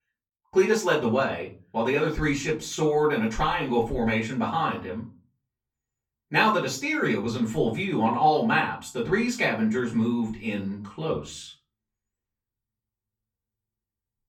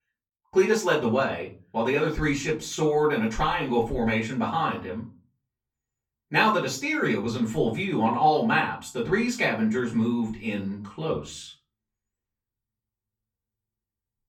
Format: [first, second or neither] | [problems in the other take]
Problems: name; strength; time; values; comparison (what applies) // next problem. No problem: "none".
neither | off-mic speech; far; the same in both // room echo; slight; dies away in 0.3 s; the same in both